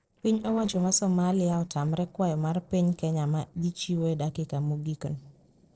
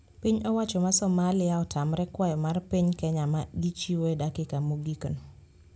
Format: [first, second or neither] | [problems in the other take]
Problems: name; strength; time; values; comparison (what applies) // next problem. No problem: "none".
second | noise reduction (neural separator model SepFormer DNS4)